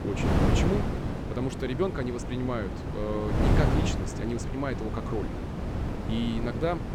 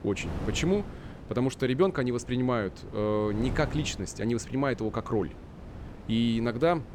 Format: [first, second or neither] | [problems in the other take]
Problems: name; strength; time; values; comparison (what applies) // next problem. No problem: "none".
second | wind noise on the microphone; heavy; 1 dB below the speech; occasional gusts in the second